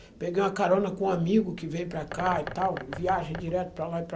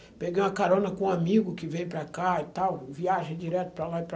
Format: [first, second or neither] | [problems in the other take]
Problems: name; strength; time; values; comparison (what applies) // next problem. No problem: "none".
second | background sound (Bird); 14 dB below the speech